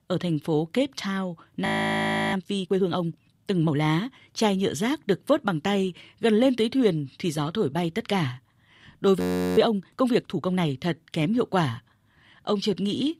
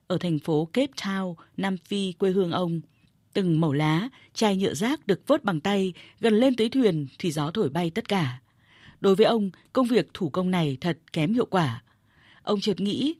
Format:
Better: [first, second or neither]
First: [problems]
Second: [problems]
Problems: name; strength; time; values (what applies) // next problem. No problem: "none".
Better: second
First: audio freezing; at 1.5 s for 0.5 s and at 9 s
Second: none